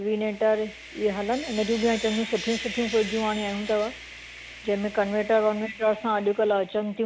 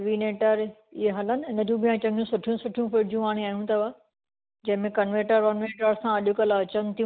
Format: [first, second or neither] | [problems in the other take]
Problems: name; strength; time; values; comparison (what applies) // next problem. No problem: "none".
second | background sound (Sawing); 13 dB below the speech